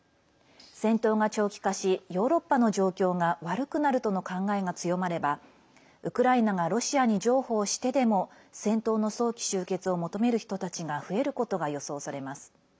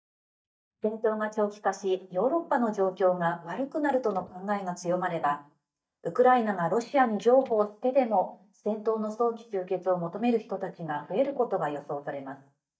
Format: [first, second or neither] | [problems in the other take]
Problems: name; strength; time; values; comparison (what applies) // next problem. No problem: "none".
first | noise reduction (neural mask model DeepFilterNet 3)